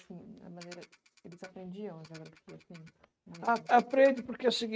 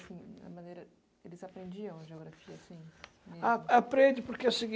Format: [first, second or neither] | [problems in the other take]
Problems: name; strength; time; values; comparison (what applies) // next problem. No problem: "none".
second | noise reduction (neural mask model RNNoise)